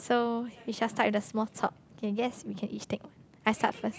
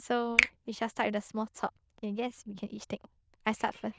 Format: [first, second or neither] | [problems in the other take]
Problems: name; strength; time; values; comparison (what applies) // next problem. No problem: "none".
first | noise reduction (neural diffusion model UNIVERSE++)